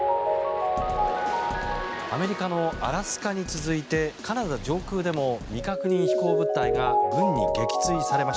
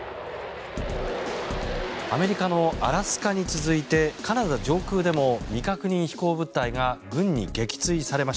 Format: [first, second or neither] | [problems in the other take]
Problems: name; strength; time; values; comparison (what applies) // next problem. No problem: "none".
second | background sound (Mallet percussion); 1 dB above the speech